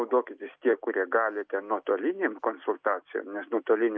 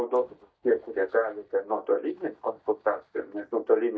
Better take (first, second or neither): first